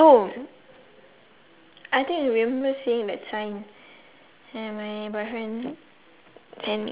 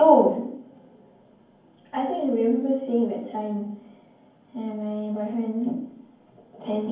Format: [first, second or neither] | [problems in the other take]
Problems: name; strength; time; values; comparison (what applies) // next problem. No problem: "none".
first | room echo; dies away in 0.9 s